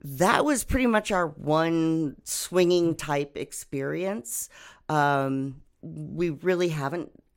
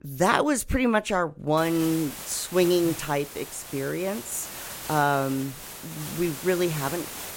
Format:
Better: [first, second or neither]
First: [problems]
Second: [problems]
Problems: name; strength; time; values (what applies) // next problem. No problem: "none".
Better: first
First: none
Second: hiss; noticeable; from 1.5 s on; 10 dB below the speech